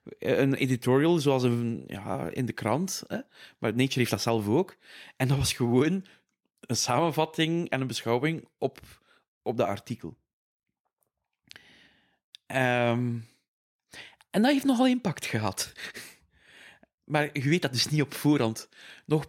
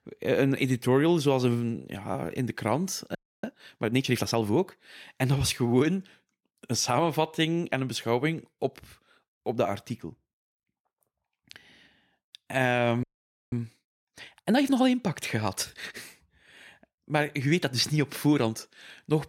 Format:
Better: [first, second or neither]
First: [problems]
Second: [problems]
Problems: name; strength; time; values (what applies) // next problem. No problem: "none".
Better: first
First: none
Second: audio freezing; at 3 s and at 13 s